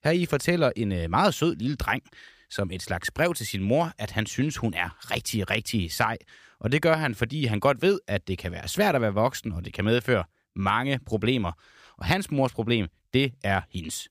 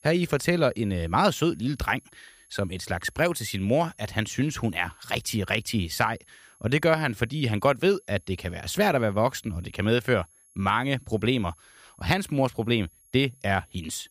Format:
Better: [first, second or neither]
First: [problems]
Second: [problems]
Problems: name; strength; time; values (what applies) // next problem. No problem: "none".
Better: first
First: none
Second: high-pitched whine; faint; throughout; 11 kHz, 30 dB below the speech